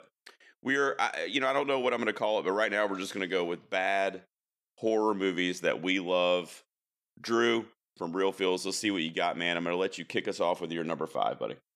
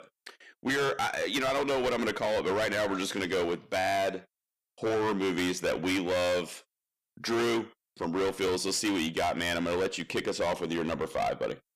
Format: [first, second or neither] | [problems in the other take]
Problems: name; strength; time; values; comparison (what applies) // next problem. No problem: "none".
first | distortion; heavy; 20% of the sound clipped